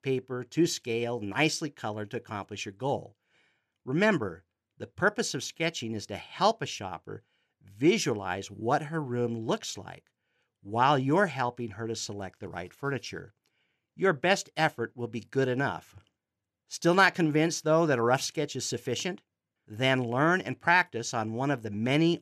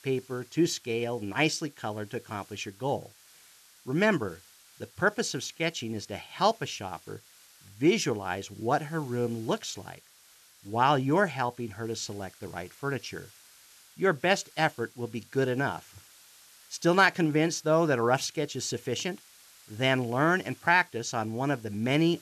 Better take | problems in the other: first | hiss; faint; throughout; 25 dB below the speech

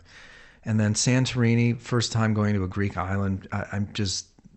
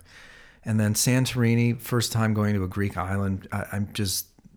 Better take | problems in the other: second | garbled, watery; slightly; nothing above 8 kHz

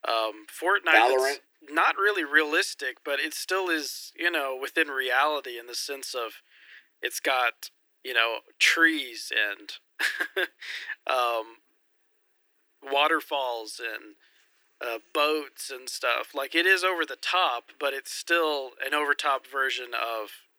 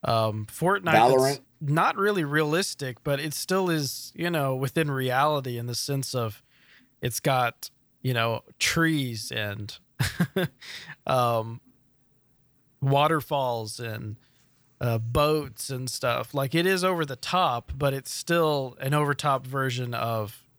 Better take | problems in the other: second | thin; very; fading below 300 Hz

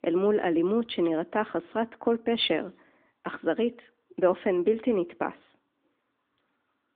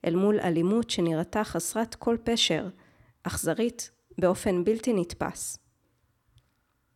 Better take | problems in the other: second | phone-call audio; nothing above 3.5 kHz

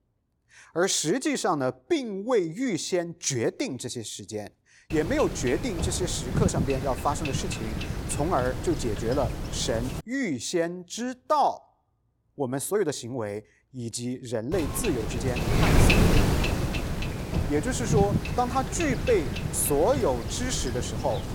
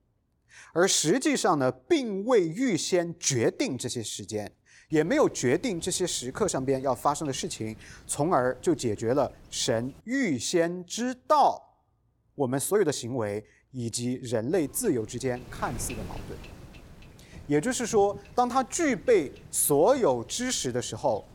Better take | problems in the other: second | wind noise on the microphone; heavy; from 5 to 10 s and from 15 s on; 4 dB below the speech; occasional gusts in the second

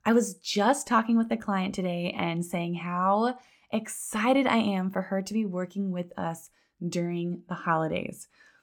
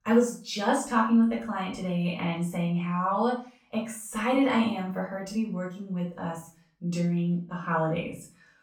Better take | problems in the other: first | off-mic speech; far // room echo; slight; dies away in 0.3 s

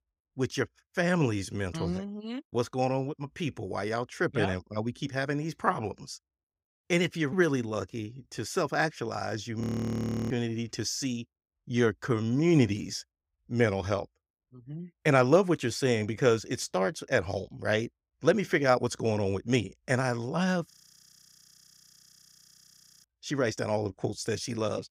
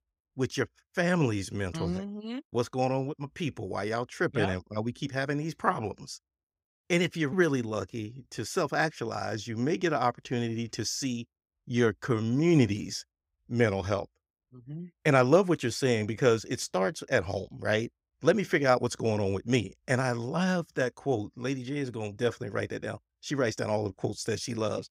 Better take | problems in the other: second | audio freezing; at 9.5 s for 0.5 s and at 21 s for 2.5 s

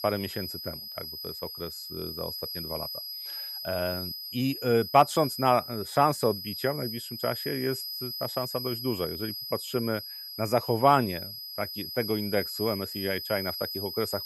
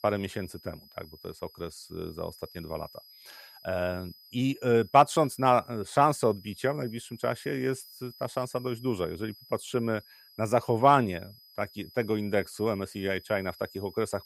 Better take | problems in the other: second | high-pitched whine; loud; throughout; 5 kHz, 6 dB below the speech; faint in the second

